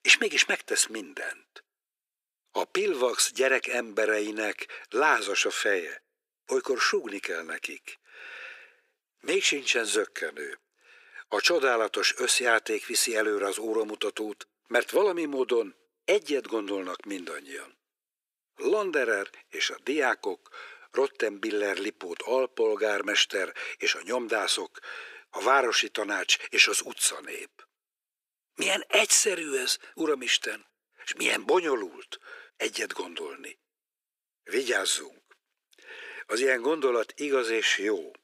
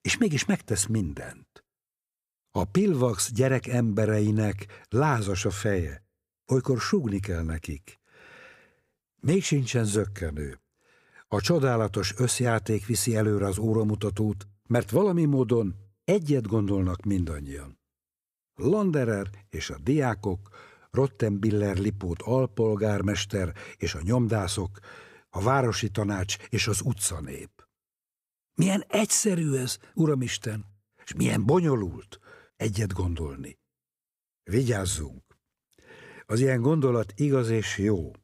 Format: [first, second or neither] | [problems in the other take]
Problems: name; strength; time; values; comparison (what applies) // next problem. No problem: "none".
second | thin; very; fading below 350 Hz